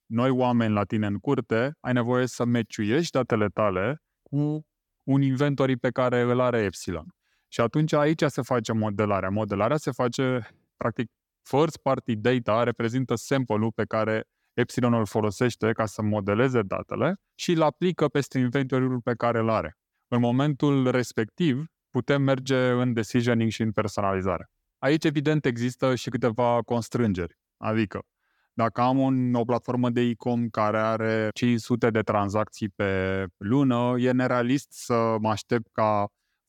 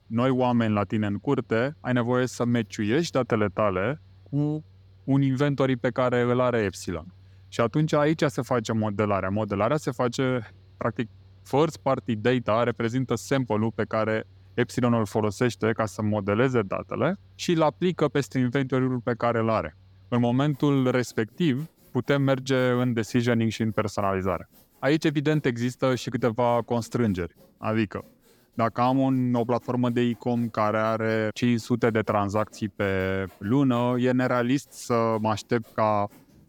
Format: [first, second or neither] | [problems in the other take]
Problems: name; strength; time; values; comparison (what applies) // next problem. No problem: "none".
first | machinery noise; faint; throughout; 30 dB below the speech